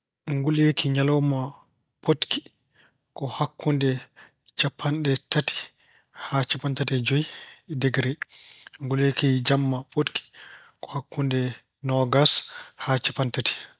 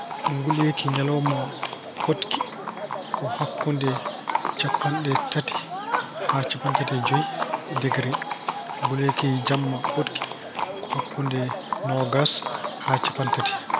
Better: first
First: none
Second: background sound (Livestock, farm animals, working animals); 1 dB below the speech

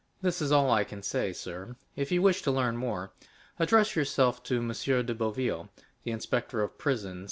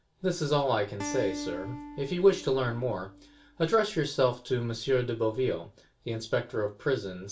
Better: first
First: none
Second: background sound (Acoustic guitar); 13 dB below the speech // room echo; dies away in 0.2 s

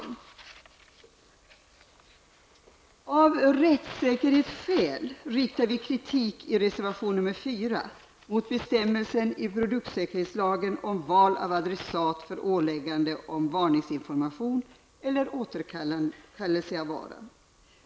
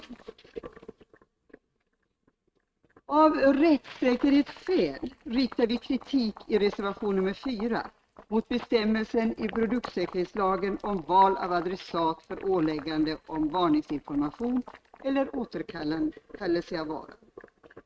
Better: first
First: none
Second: noise reduction (neural mask model RNNoise)

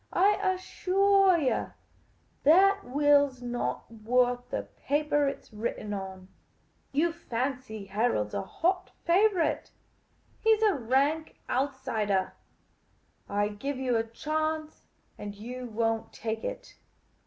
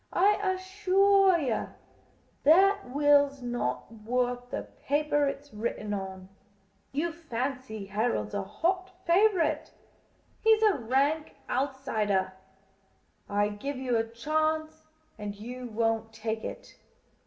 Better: first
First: none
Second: room echo; dies away in 0.6 s

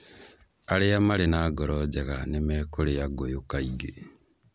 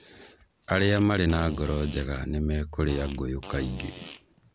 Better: first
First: none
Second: background sound (Fart); 17 dB below the speech

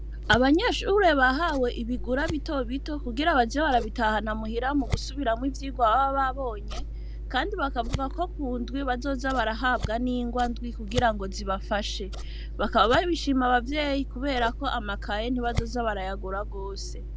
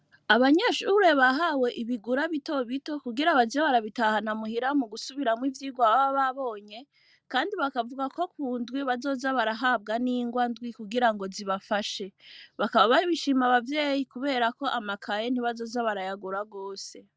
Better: second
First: background sound (Scissors); 7 dB below the speech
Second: none

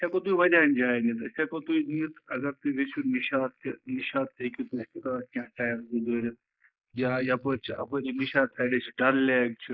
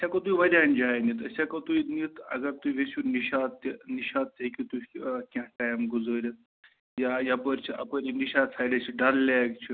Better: second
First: noise reduction (neural mask model Resemble Enhance denoiser)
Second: none

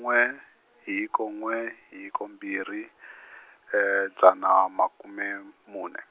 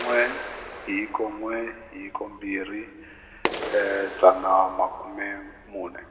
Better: first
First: none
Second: background sound (Clapping); 11 dB below the speech // room echo; dies away in 1.6 s

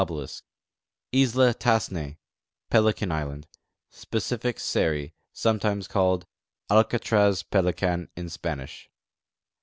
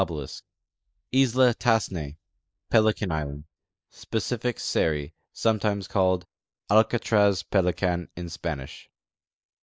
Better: first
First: none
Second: noise reduction (neural mask model Resemble Enhance denoiser)

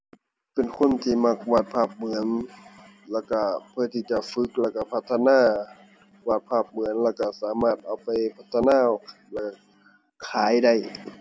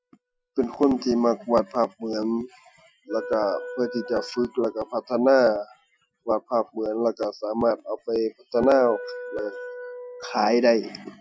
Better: first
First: none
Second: noise reduction (classical method Wiener filter)

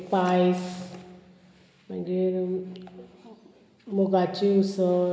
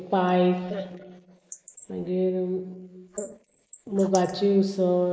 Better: first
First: none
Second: noise reduction (neural mask model Resemble Enhance denoiser)

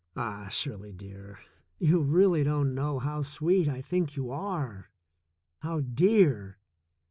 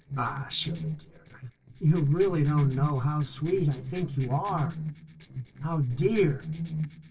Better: first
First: none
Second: noise reduction (neural separator model SepFormer DNS4)

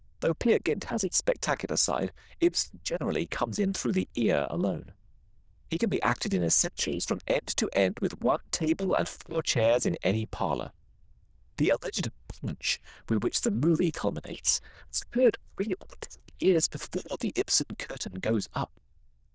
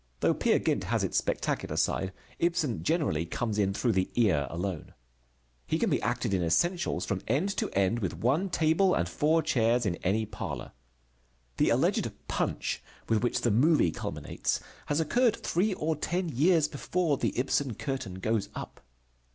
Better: second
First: noise reduction (neural diffusion model UNIVERSE++)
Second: none

